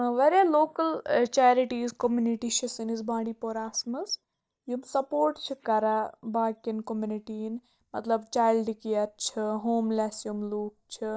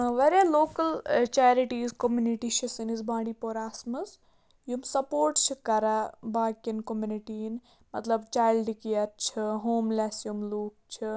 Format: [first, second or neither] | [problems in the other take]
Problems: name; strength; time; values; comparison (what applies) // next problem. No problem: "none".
second | noise reduction (neural mask model DeepFilterNet 3)